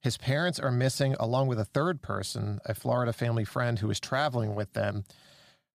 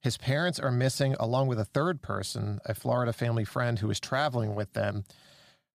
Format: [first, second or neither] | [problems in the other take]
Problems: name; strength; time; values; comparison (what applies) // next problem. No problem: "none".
neither | none